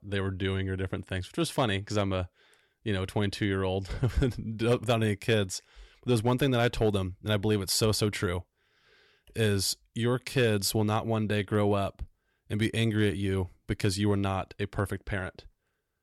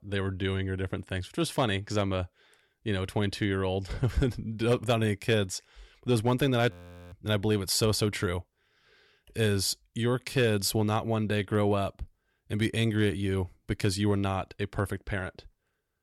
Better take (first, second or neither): first